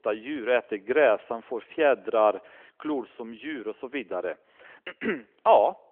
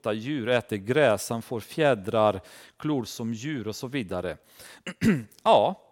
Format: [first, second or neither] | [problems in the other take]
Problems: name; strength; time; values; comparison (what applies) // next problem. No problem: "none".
second | phone-call audio; nothing above 3.5 kHz